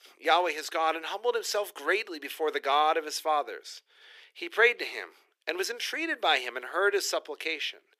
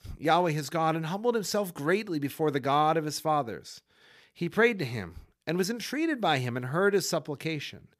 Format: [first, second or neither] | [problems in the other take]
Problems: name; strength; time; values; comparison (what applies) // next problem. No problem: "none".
second | thin; very; fading below 350 Hz